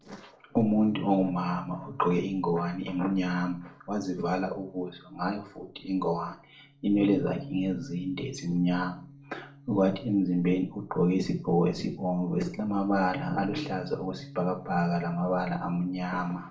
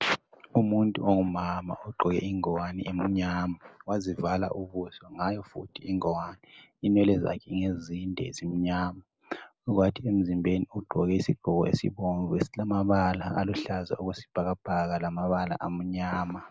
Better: second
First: noise reduction (neural separator model SepFormer DNS4)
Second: none

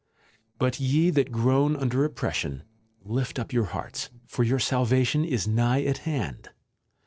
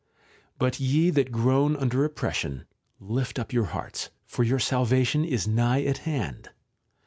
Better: second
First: noise reduction (neural separator model SepFormer DNS4)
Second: none

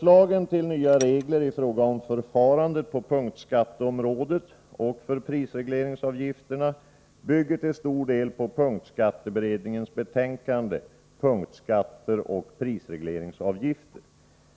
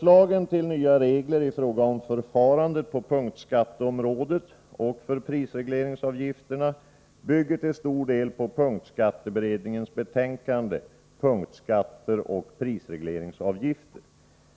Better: second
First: background sound (Tools); 17 dB below the speech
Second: none

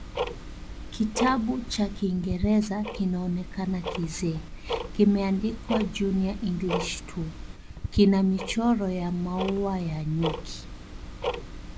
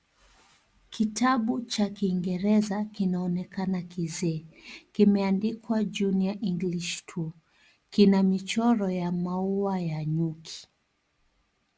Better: second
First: background sound (Tick-tock); 8 dB below the speech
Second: none

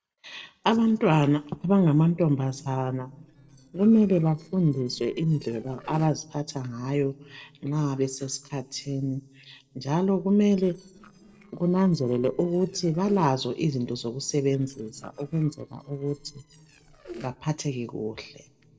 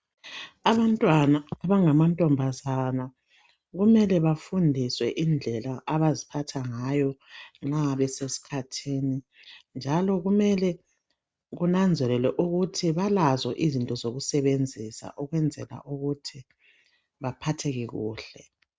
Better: second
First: noise reduction (neural separator model SepFormer DNS4)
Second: none

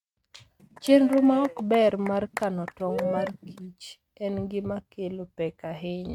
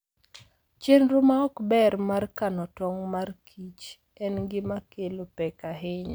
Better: second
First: noise reduction (neural mask model RNNoise)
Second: none

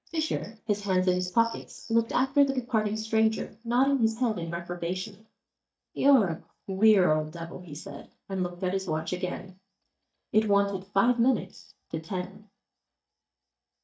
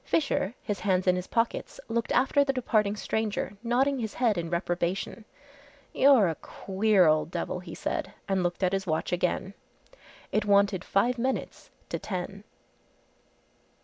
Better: second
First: noise reduction (neural mask model DeepFilterNet 3)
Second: none

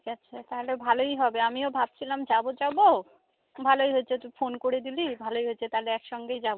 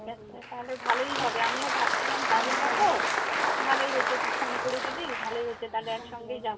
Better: first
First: none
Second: background sound (Applause); 2 dB above the speech // room echo; dies away in 0.2 s

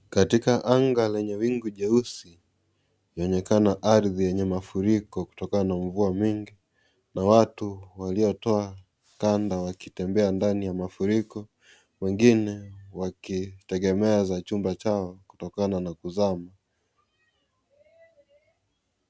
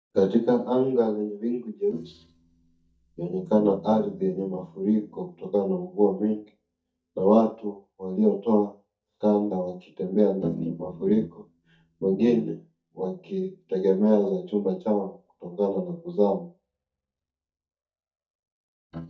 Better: first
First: none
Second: noise reduction (neural mask model DeepFilterNet 3)

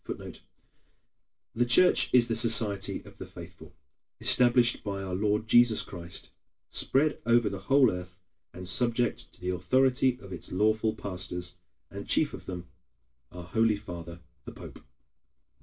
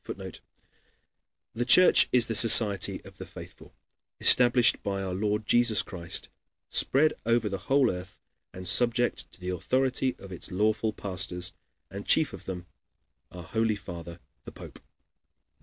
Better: second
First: room echo; dies away in 0.2 s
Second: none

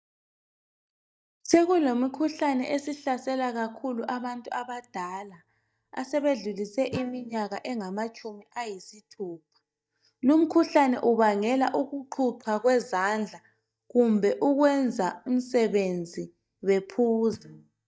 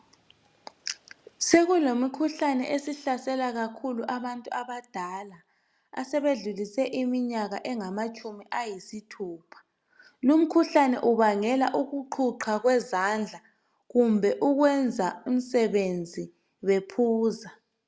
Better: second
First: noise reduction (neural mask model DeepFilterNet 3)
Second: none

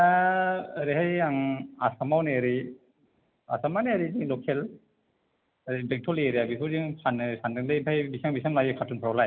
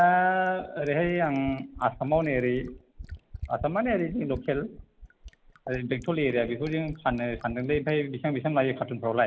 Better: first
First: none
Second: background sound (Fill (with liquid)); 18 dB below the speech

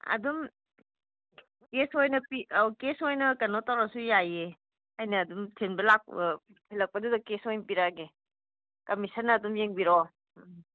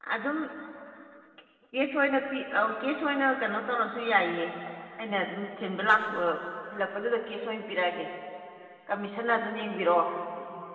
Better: first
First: none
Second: room echo; dies away in 2.7 s

